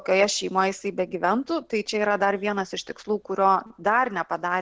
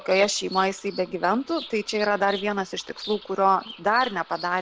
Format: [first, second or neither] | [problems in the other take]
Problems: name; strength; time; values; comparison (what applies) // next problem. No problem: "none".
first | background sound (Bird vocalization, bird call, bird song); 16 dB below the speech